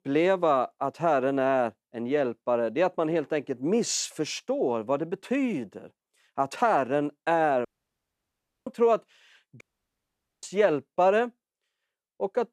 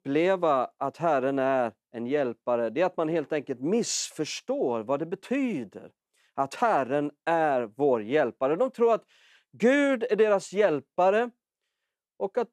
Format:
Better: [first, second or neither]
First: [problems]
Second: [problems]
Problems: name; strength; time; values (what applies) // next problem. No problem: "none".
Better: second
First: audio cutting out; at 7.5 s for 1 s and at 9.5 s for 1 s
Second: none